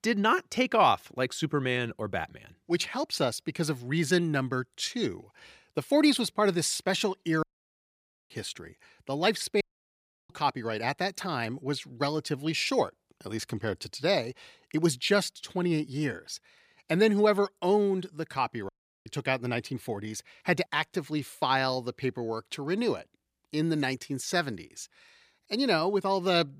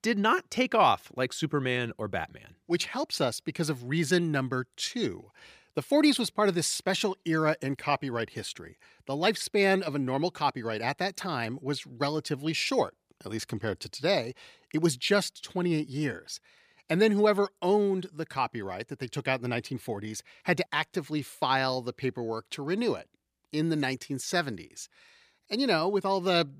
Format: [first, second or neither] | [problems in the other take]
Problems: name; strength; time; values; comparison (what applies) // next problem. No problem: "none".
second | audio cutting out; at 7.5 s for 1 s, at 9.5 s for 0.5 s and at 19 s